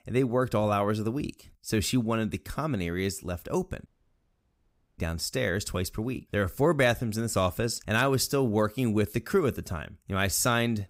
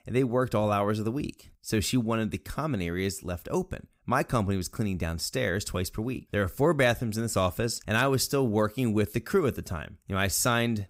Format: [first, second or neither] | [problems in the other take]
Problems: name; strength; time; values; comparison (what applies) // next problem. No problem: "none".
second | audio cutting out; at 4 s for 1 s